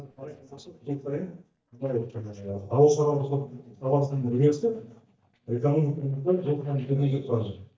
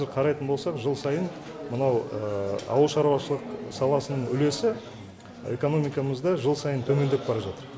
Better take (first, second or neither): second